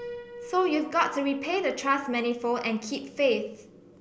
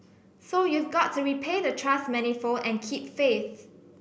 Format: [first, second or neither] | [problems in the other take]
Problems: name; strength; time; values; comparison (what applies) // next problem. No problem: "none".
second | background sound (Piano); 18 dB below the speech